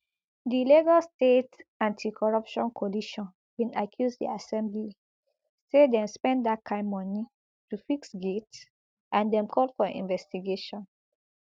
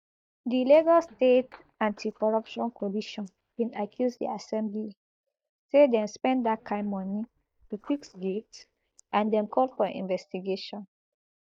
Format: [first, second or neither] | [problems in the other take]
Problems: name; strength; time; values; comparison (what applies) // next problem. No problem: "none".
first | noise reduction (neural mask model DeepFilterNet 3)